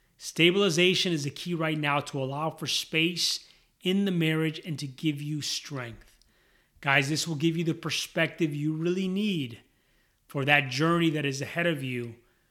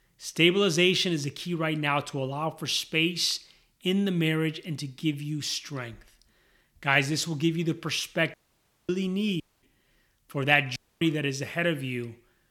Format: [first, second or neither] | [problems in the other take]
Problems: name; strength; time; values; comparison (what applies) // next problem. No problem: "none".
first | audio cutting out; at 8.5 s for 0.5 s, at 9.5 s and at 11 s